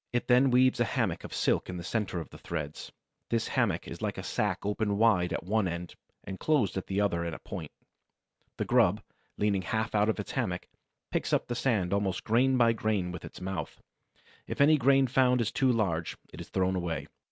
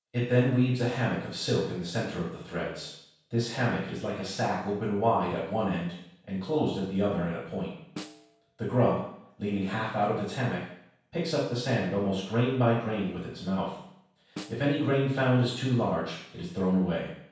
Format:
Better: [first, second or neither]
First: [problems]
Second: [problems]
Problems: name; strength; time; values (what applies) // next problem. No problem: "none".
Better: first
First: none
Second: background sound (Snare drum); 20 dB below the speech // room echo; dies away in 0.7 s